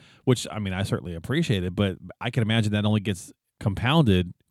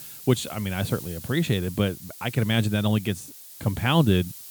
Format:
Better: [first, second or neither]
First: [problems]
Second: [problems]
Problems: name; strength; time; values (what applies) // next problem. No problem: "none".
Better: first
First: none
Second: hiss; noticeable; throughout; 15 dB below the speech